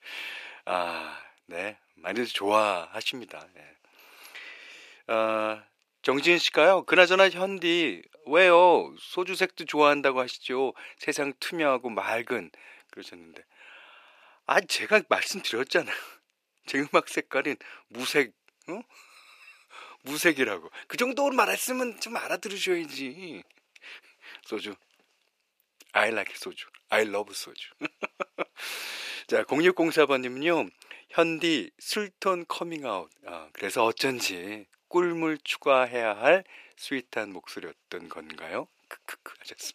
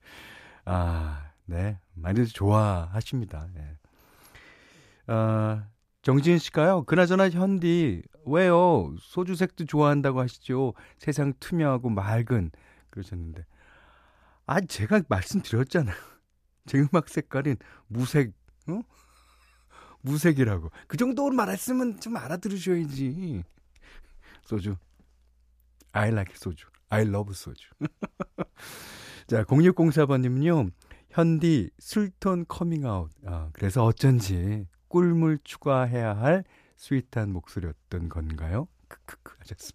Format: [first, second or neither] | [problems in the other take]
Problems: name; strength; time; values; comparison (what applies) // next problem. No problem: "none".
second | thin; very; fading below 400 Hz